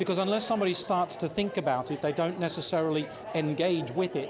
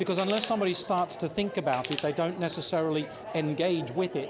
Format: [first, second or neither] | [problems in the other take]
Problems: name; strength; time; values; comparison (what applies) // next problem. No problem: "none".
first | background sound (Crushing); 15 dB below the speech